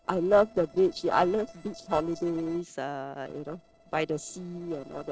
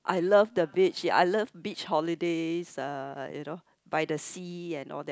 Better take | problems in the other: second | noise reduction (neural separator model SepFormer DNS4)

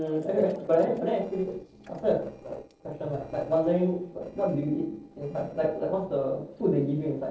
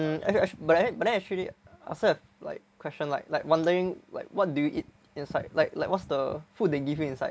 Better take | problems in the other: second | noise reduction (neural separator model SepFormer DNS4)

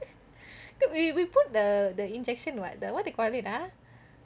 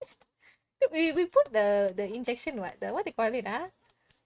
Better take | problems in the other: first | noise reduction (neural mask model RNNoise)

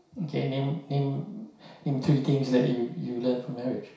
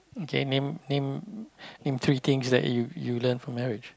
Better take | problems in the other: second | room echo; dies away in 0.6 s

